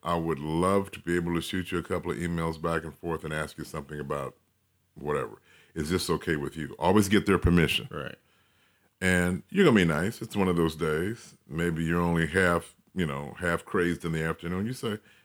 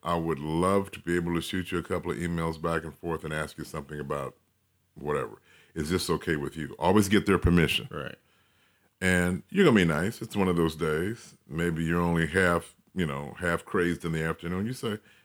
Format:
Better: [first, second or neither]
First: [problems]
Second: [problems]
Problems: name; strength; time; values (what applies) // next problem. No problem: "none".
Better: neither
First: none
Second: none